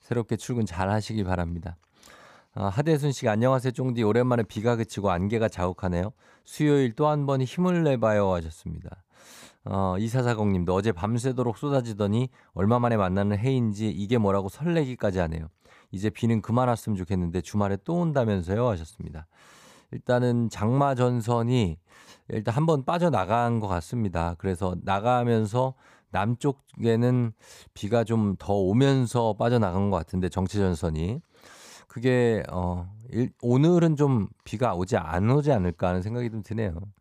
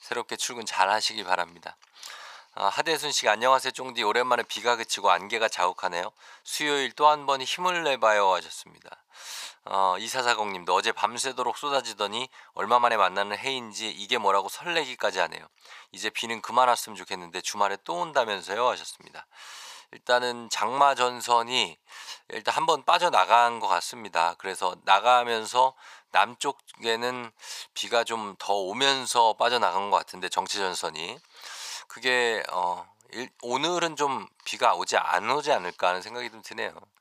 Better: first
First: none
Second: thin; very; fading below 900 Hz

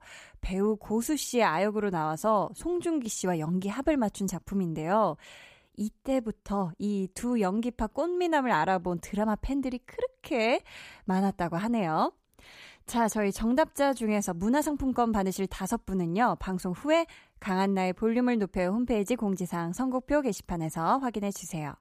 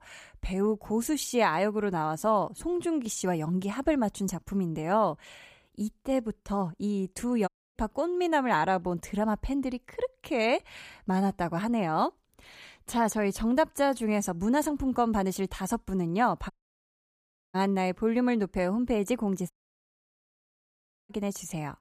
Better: first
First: none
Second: audio cutting out; at 7.5 s, at 17 s for 1 s and at 20 s for 1.5 s

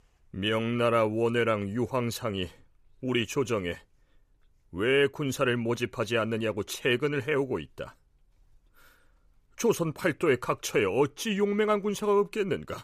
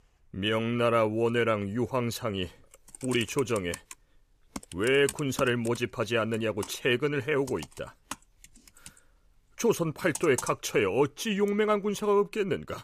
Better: first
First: none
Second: keyboard typing; noticeable; from 3 to 10 s; peak 7 dB below the speech

